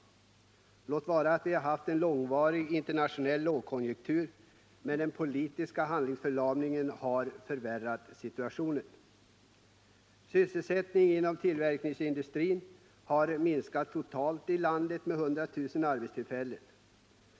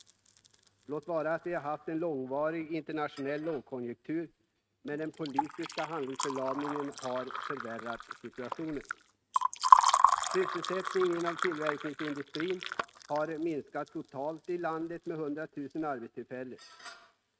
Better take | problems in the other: first | noise reduction (neural mask model RNNoise)

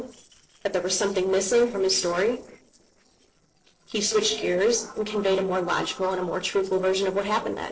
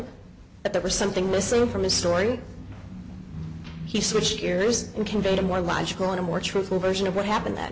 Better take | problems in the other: second | noise reduction (neural separator model SepFormer DNS4)

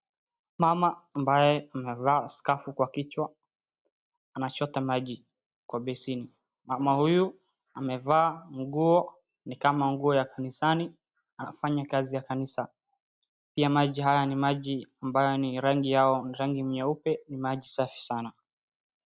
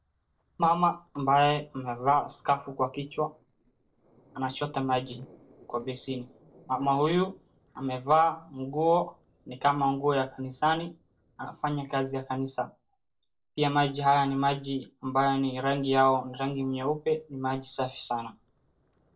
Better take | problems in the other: first | noise reduction (neural separator model SepFormer DNS4)

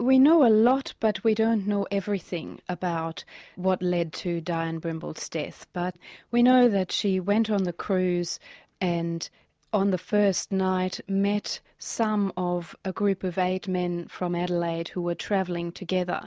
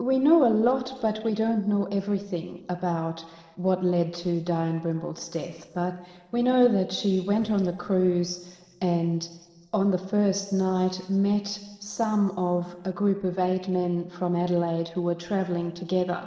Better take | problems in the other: first | noise reduction (neural separator model SepFormer DNS4)

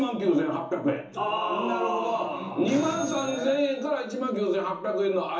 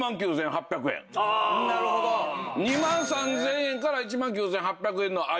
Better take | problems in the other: second | room echo; dies away in 0.7 s

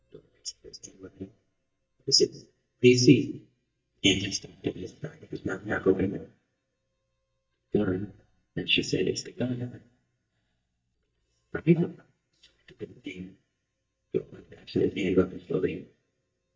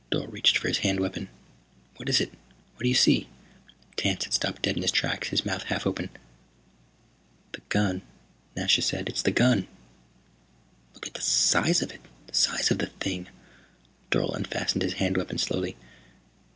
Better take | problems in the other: second | noise reduction (neural mask model DeepFilterNet 3)

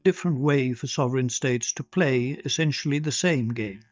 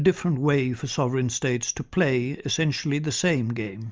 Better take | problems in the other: second | noise reduction (neural mask model DeepFilterNet 3)

